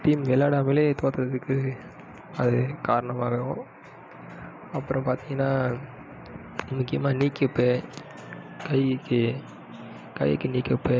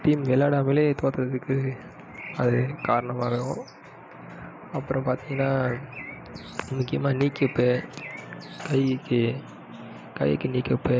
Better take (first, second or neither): first